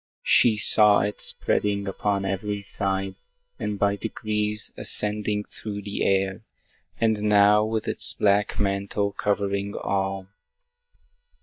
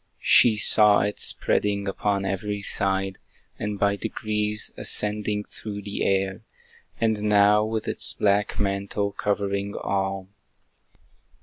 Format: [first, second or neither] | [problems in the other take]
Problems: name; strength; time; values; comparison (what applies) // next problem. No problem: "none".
second | noise reduction (neural mask model DeepFilterNet 3)